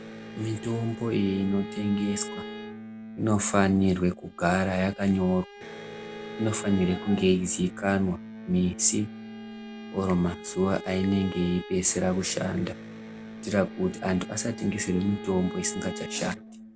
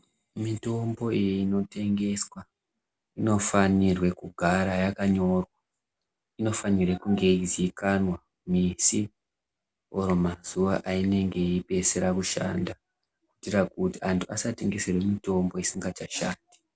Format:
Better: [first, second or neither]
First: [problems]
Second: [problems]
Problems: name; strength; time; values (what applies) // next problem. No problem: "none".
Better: second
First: background sound (Electric guitar + Bowed string instrument); 12 dB below the speech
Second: none